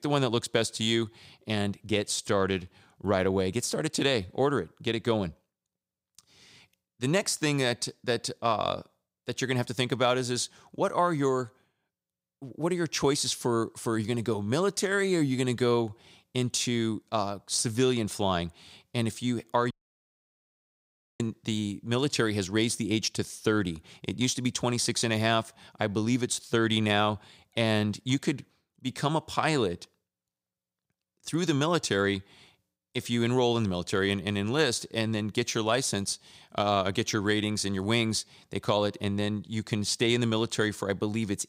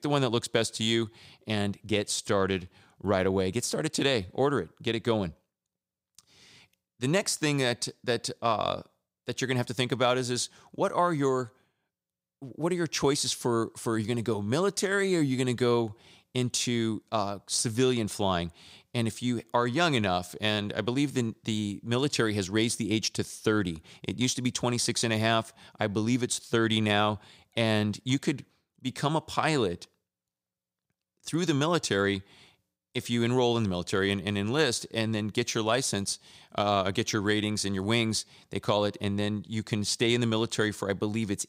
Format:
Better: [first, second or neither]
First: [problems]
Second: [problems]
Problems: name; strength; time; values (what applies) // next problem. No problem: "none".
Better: second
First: audio cutting out; at 20 s for 1.5 s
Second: none